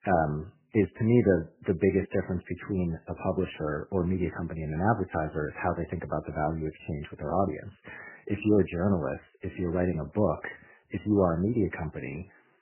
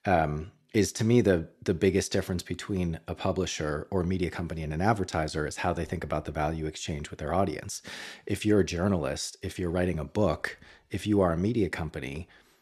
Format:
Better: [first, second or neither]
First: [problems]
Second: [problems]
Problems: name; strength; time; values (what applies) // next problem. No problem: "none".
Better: second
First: garbled, watery; badly; nothing above 3 kHz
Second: none